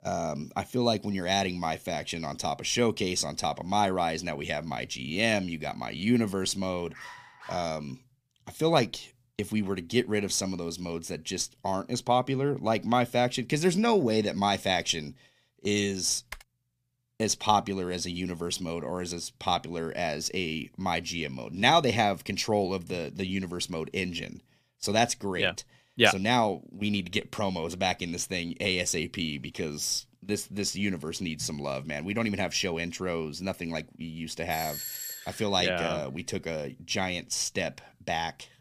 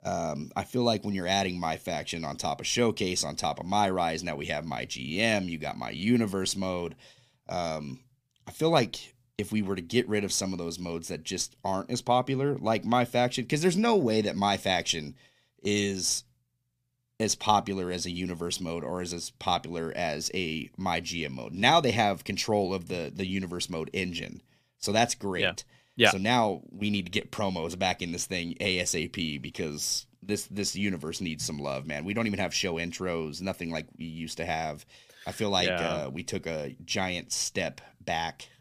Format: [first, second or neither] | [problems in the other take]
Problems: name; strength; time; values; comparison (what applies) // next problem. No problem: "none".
second | dog barking; faint; at 7 s; peak 15 dB below the speech // keyboard typing; faint; at 16 s; peak 15 dB below the speech // doorbell; noticeable; at 35 s; peak 5 dB below the speech